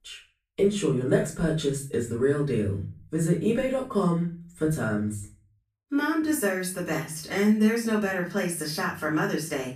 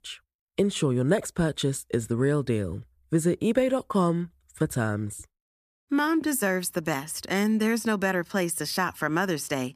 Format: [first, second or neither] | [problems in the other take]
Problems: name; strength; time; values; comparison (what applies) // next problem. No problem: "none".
second | room echo; slight; dies away in 0.3 s // off-mic speech; far